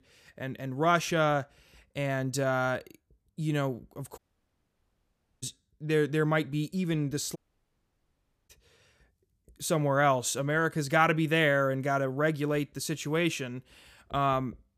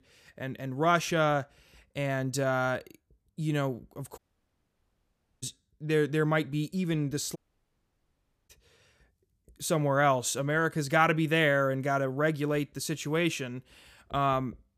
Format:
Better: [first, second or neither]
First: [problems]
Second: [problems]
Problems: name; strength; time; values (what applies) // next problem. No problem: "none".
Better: neither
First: audio cutting out; at 4 s for 1 s and at 7.5 s for 1 s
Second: audio cutting out; at 4 s for 1 s and at 7.5 s for 1 s